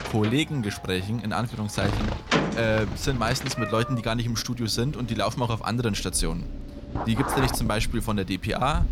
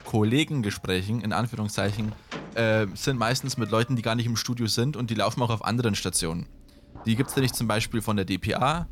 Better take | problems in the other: second | animal sounds; loud; throughout; 6 dB below the speech; faint in the second

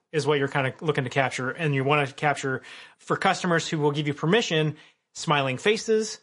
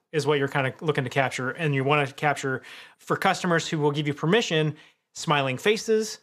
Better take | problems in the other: second | garbled, watery; slightly; nothing above 10.5 kHz

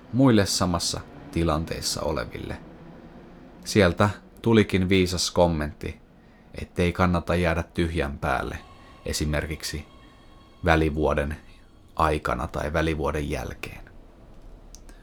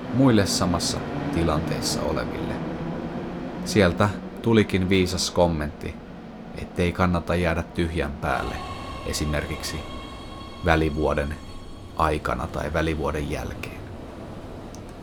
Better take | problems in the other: first | train or aircraft noise; loud; throughout; 10 dB below the speech; faint in the first

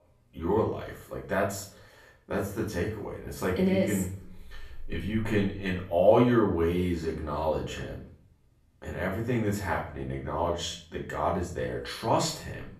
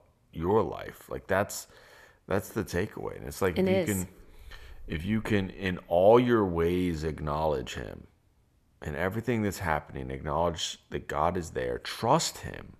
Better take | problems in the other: second | off-mic speech; far // room echo; slight; dies away in 0.4 s

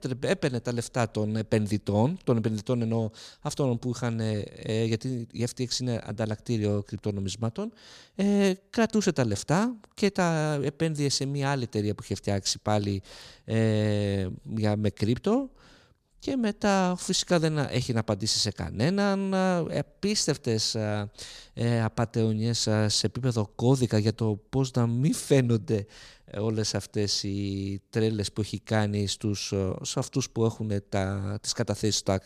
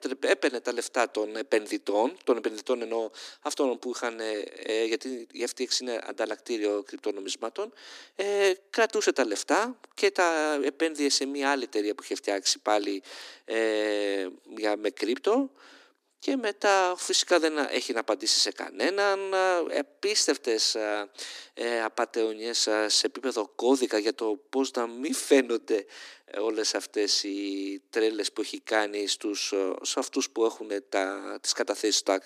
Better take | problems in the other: first | thin; somewhat; fading below 250 Hz

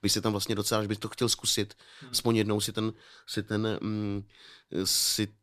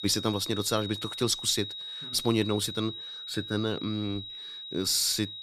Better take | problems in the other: first | high-pitched whine; loud; throughout; 4 kHz, 8 dB below the speech

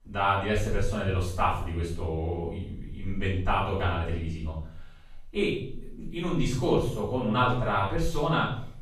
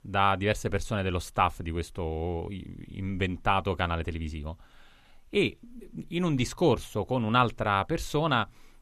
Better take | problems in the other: second | off-mic speech; far // room echo; noticeable; dies away in 0.6 s

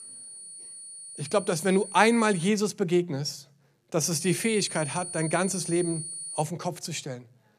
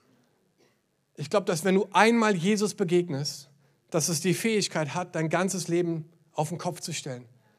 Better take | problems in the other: second | high-pitched whine; loud; until 2.5 s and from 4 to 6.5 s; 9.5 kHz, 10 dB below the speech

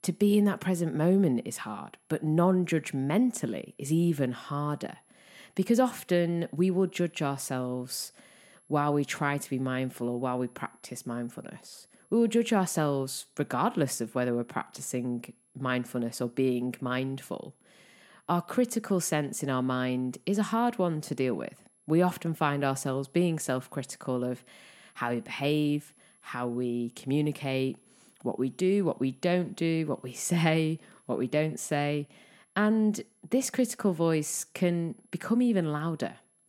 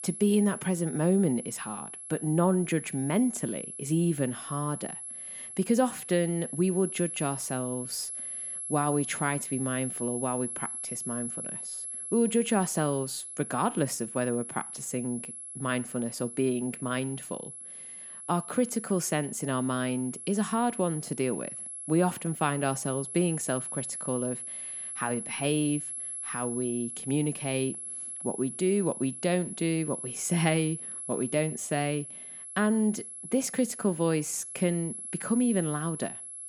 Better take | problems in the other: first | high-pitched whine; loud; throughout; 11 kHz, 7 dB below the speech; faint in the first

